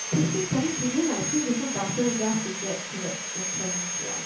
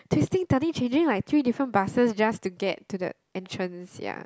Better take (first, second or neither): second